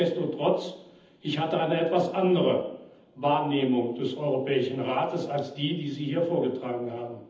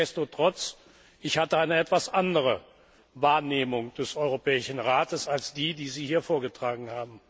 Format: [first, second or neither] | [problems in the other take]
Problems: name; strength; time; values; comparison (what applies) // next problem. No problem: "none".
second | room echo; dies away in 0.8 s